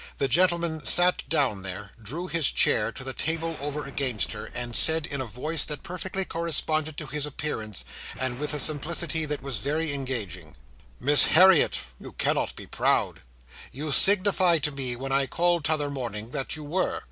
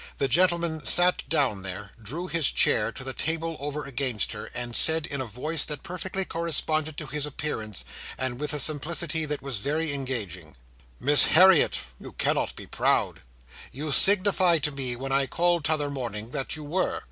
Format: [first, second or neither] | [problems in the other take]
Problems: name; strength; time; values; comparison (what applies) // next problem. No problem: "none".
second | background sound (Explosion); 16 dB below the speech